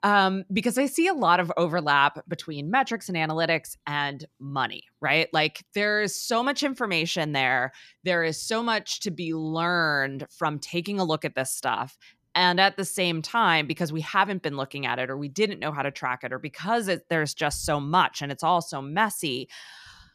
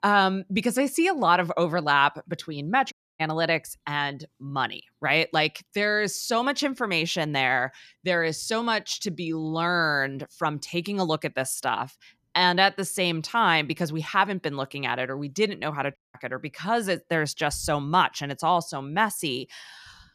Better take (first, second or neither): first